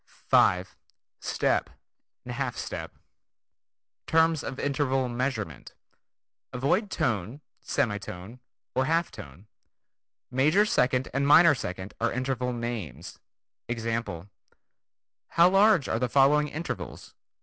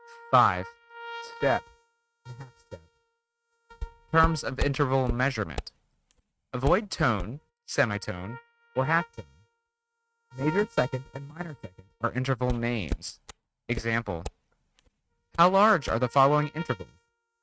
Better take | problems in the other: first | noise reduction (neural mask model RNNoise)

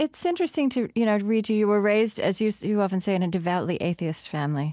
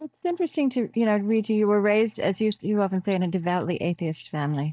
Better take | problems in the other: first | noise reduction (neural mask model DeepFilterNet 3)

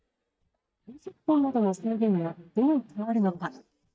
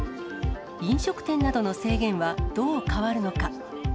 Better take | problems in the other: second | noise reduction (neural mask model DeepFilterNet 3)

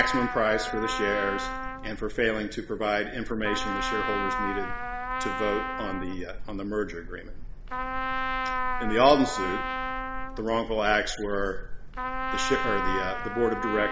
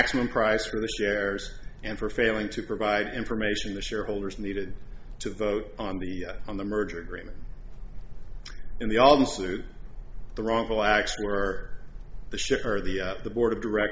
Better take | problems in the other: second | background sound (Trumpet); 5 dB below the speech

